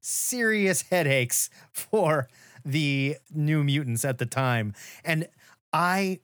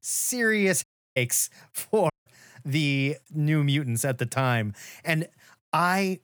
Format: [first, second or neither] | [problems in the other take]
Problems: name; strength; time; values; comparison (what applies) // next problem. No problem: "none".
first | audio cutting out; at 1 s and at 2 s